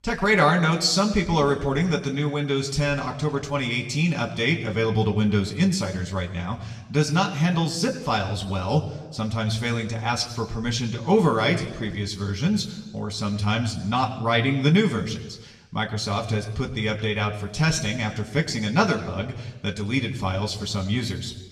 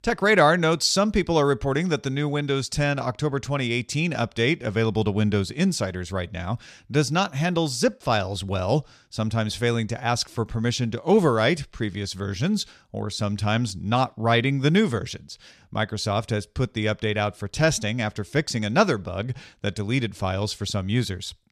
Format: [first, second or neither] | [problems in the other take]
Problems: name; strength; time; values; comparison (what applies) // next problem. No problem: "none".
second | room echo; slight; dies away in 0.9 s // off-mic speech; somewhat distant